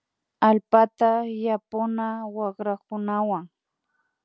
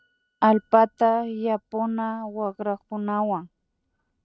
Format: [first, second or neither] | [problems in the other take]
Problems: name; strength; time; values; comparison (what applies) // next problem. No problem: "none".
first | noise reduction (neural mask model RNNoise)